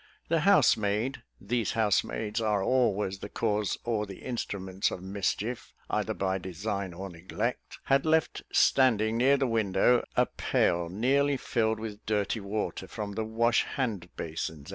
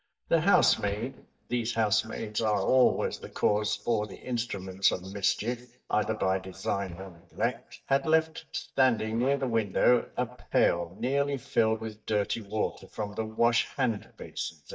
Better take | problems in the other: first | noise reduction (neural mask model DeepFilterNet 3)

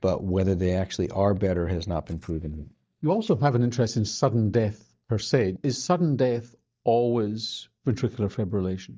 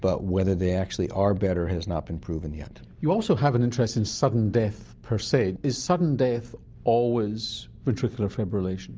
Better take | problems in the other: second | noise reduction (neural mask model DeepFilterNet 3)

